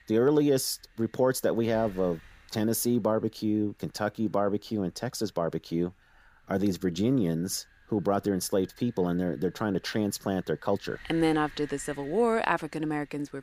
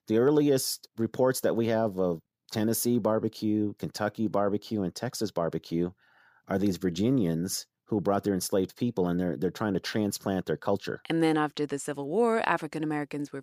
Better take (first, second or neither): second